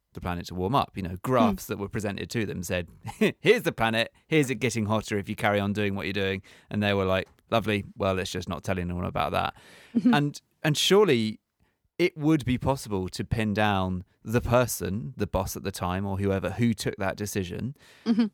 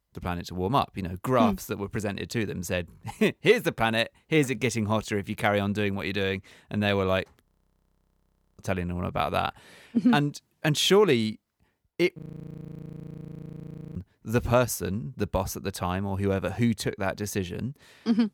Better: first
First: none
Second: audio freezing; at 7.5 s for 1 s and at 12 s for 2 s

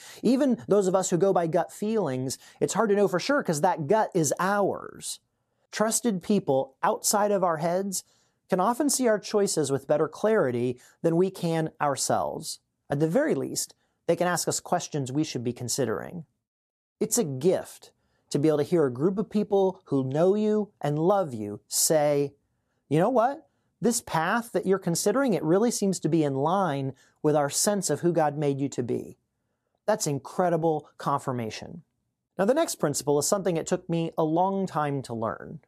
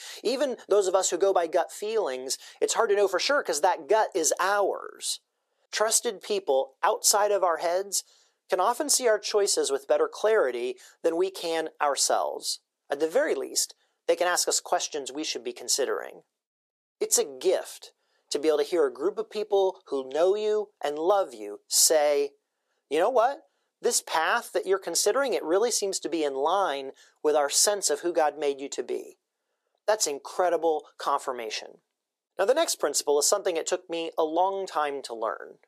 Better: first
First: none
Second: thin; very; fading below 400 Hz

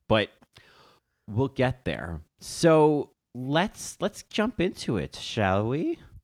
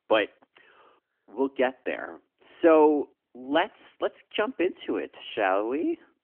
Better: first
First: none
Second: phone-call audio; nothing above 3.5 kHz

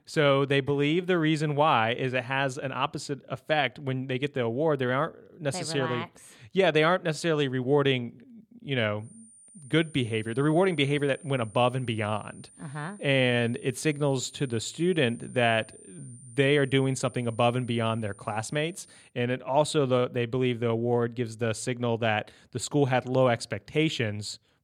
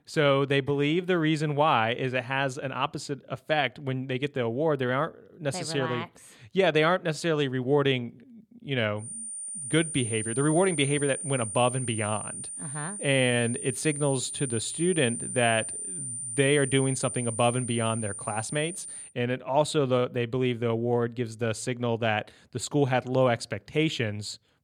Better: first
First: high-pitched whine; faint; from 9 to 19 s; 9 kHz, 25 dB below the speech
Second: high-pitched whine; loud; from 9 to 19 s; 9 kHz, 6 dB below the speech

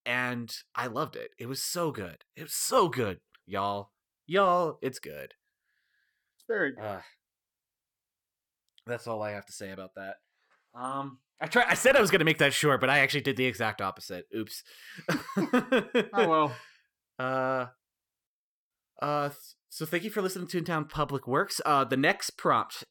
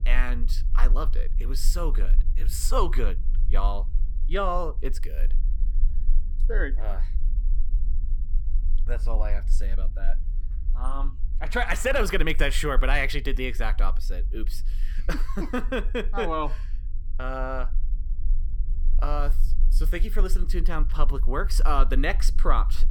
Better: first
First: none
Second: low rumble; faint; throughout; 25 dB below the speech

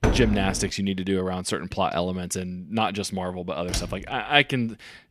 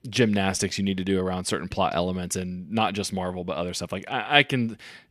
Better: second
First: door banging; loud; at the start; peak 1 dB above the speech // door banging; noticeable; at 3.5 s; peak 6 dB below the speech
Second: none

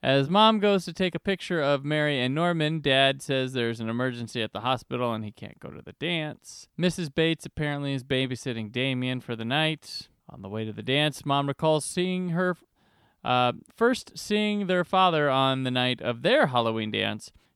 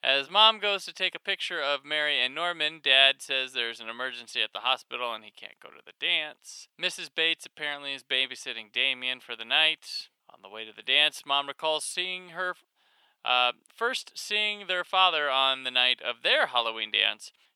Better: first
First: none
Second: thin; very; fading below 700 Hz

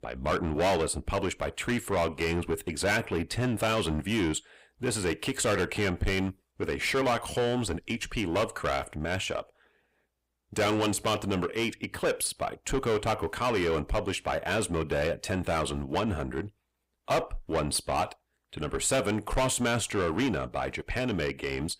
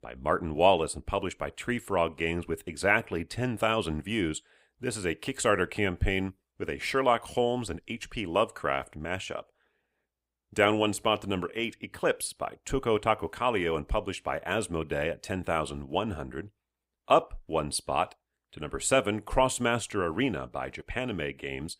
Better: second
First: distortion; heavy; 6 dB below the speech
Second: none

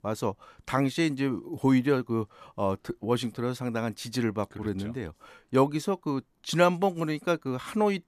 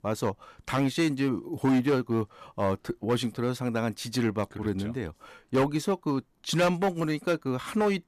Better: first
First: none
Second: distortion; slight; 5% of the sound clipped

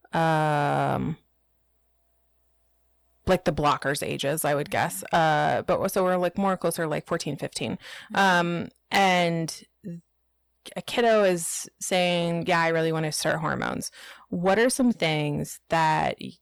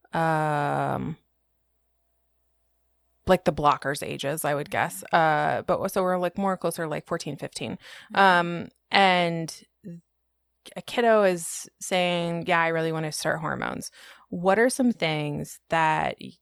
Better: second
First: distortion; slight; 10 dB below the speech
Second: none

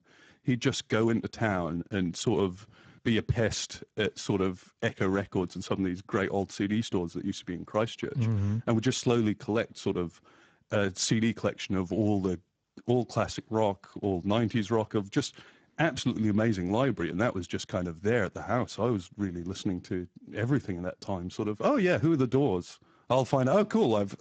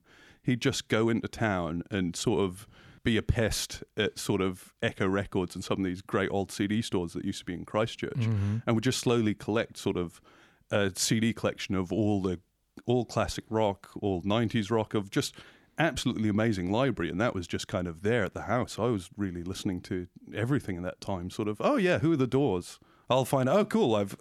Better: second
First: garbled, watery; badly; nothing above 7.5 kHz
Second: none

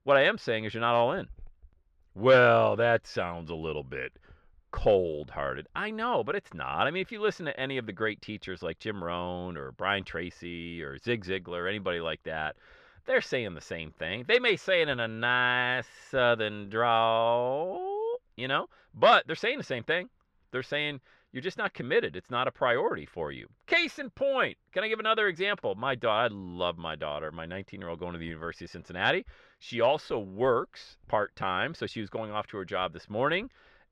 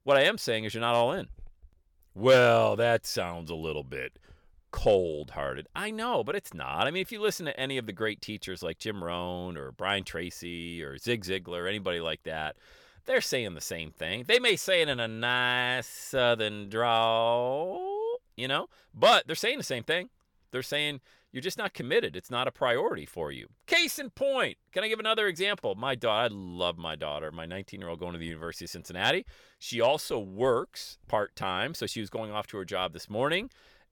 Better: second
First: muffled; slightly; fading above 3 kHz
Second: none

